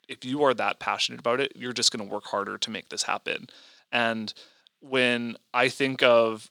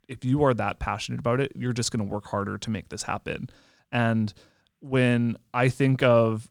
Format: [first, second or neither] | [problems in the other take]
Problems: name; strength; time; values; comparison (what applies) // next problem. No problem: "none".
second | thin; somewhat; fading below 350 Hz